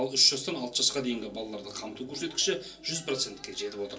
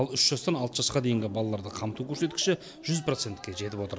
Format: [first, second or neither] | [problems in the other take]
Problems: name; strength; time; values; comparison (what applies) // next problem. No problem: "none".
second | room echo; dies away in 0.3 s